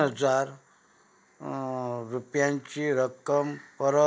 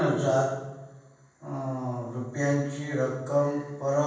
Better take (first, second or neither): first